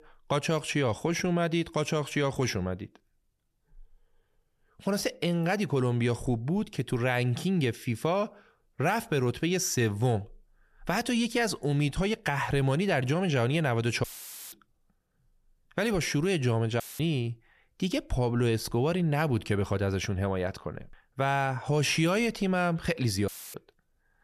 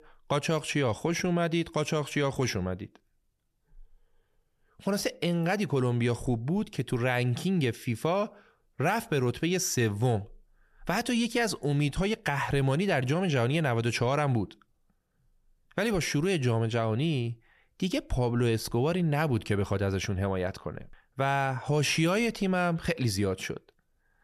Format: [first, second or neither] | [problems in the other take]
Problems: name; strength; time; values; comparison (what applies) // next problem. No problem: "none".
second | audio cutting out; filled with static; at 14 s, at 17 s and at 23 s